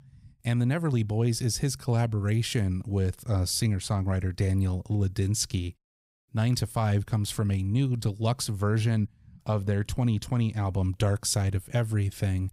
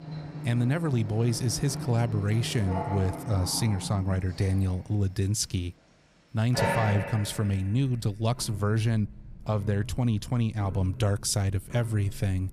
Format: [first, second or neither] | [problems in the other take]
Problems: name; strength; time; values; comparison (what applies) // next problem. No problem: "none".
first | household noises; loud; throughout; 9 dB below the speech